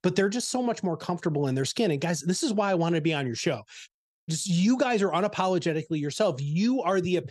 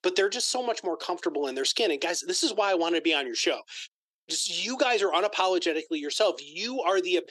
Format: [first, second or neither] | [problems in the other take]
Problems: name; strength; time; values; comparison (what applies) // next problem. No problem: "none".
first | thin; very; fading below 300 Hz